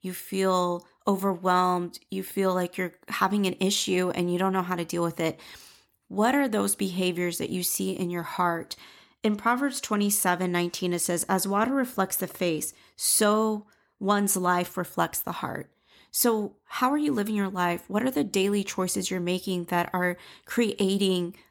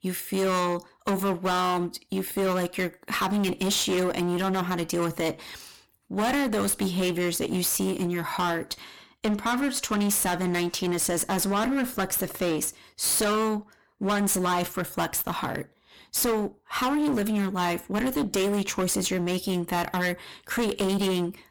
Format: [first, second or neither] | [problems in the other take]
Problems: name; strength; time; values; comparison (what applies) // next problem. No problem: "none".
first | distortion; heavy; 21% of the sound clipped